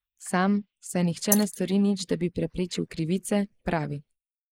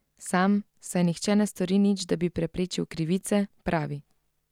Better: second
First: noise reduction (neural mask model Resemble Enhance denoiser)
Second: none

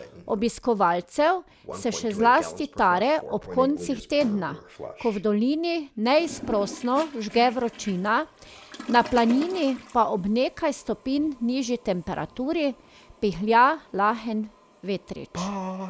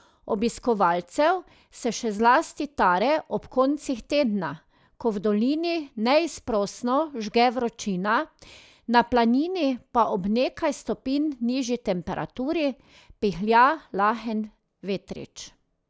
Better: second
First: background sound (Toilet flush); 15 dB below the speech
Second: none

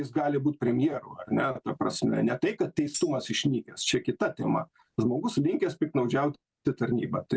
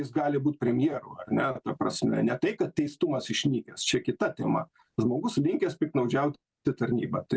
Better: second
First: background sound (Tambourine); 14 dB below the speech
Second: none

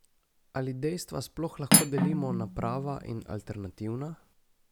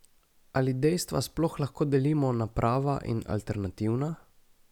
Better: second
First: background sound (Cutlery, silverware); 5 dB above the speech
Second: none

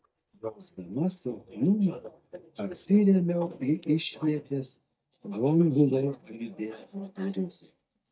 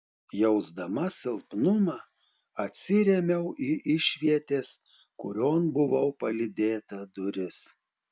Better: second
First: noise reduction (neural mask model DeepFilterNet 3)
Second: none

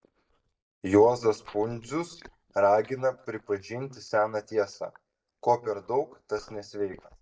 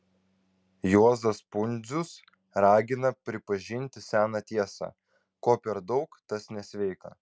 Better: second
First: noise reduction (neural mask model DeepFilterNet 3)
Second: none

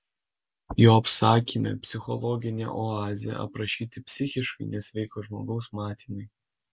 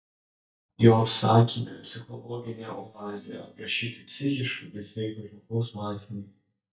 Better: first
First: none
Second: noise reduction (neural mask model DeepFilterNet 3)

